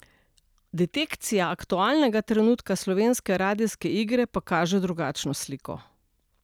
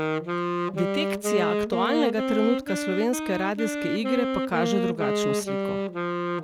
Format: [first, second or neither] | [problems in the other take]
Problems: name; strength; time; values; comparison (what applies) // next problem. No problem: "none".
first | background sound (Wind instrument, woodwind instrument); 1 dB above the speech